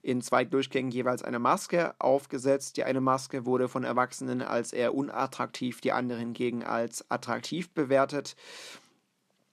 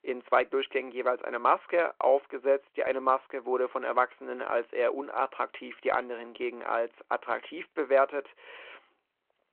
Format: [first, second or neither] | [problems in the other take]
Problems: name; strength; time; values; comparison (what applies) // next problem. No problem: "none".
first | phone-call audio